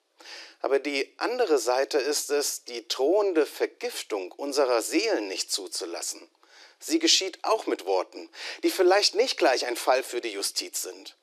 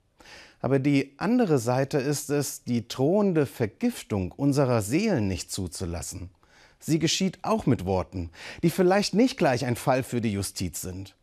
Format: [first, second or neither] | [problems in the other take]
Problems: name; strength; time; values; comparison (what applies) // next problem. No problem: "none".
second | thin; very; fading below 300 Hz